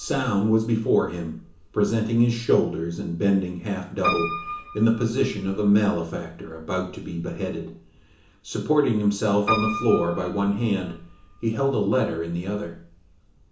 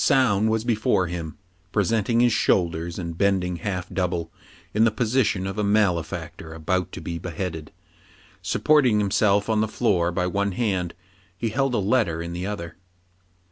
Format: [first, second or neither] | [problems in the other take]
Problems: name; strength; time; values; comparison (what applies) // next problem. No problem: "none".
second | background sound (Piano); 12 dB below the speech // room echo; dies away in 0.8 s